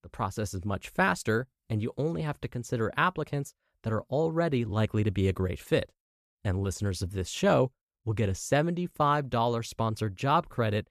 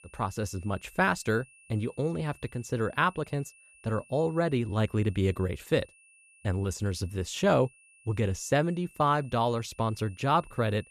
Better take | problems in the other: first | high-pitched whine; faint; throughout; 2.5 kHz, 25 dB below the speech

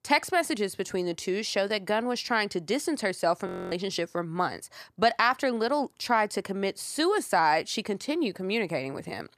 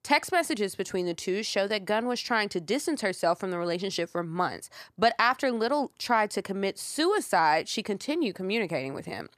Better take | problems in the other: second | audio freezing; at 3.5 s

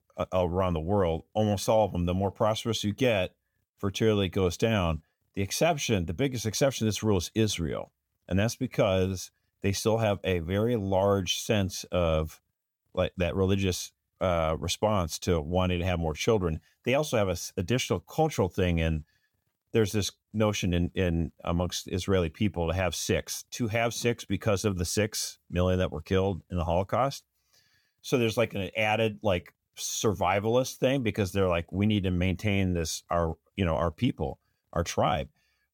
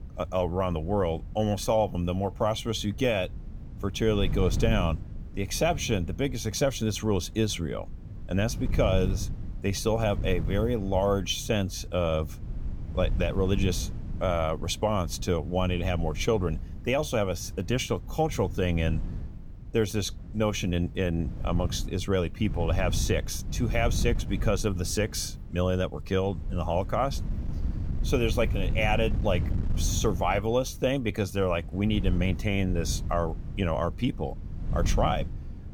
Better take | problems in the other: first | wind noise on the microphone; occasional gusts; 20 dB below the speech

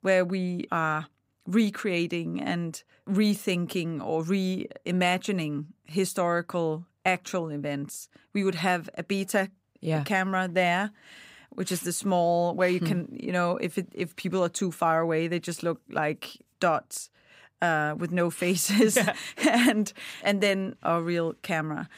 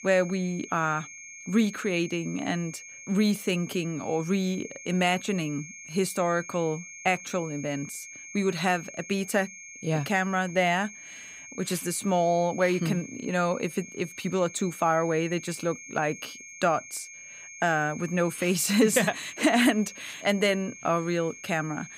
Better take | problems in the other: first | high-pitched whine; noticeable; throughout; 6.5 kHz, 15 dB below the speech

